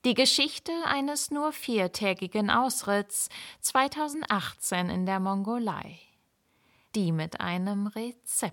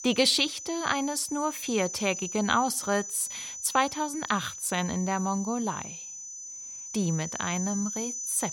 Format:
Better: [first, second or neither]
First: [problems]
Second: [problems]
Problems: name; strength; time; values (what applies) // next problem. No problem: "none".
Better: first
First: none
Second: high-pitched whine; loud; throughout; 6 kHz, 8 dB below the speech